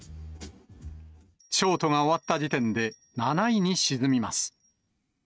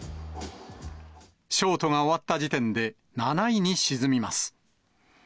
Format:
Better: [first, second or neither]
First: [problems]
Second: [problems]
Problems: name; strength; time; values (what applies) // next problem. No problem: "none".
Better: second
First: noise reduction (neural mask model RNNoise)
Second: none